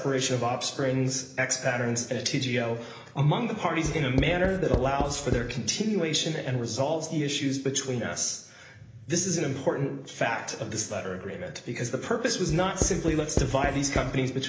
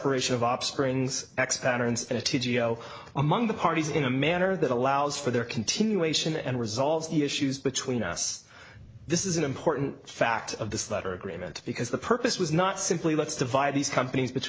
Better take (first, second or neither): second